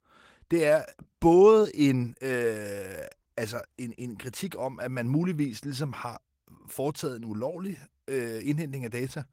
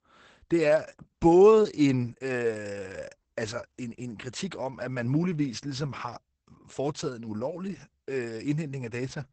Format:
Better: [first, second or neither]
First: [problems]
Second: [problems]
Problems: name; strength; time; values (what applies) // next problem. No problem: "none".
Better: first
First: garbled, watery; slightly; nothing above 16 kHz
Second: garbled, watery; badly; nothing above 8 kHz